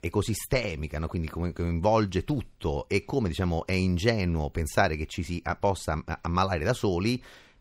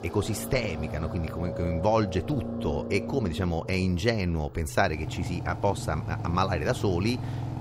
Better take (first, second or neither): first